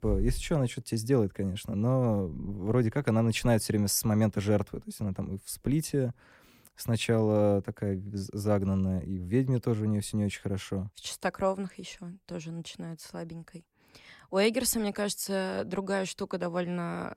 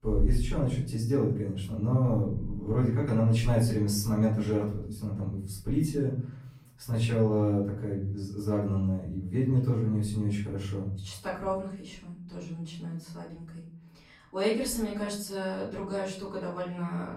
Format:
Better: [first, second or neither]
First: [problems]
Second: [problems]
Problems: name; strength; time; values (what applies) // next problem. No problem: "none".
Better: first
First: none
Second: off-mic speech; far // room echo; noticeable; dies away in 0.7 s